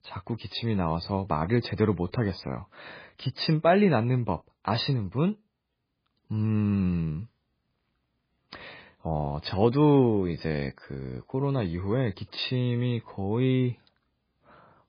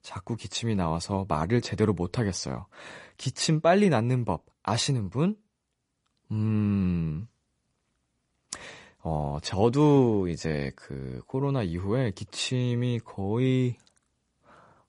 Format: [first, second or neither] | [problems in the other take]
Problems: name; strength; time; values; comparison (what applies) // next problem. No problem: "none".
second | garbled, watery; badly; nothing above 5 kHz; slightly in the second